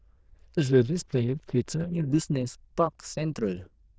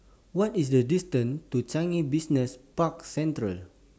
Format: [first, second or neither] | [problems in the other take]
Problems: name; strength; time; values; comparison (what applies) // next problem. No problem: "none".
second | noise reduction (neural diffusion model UNIVERSE++)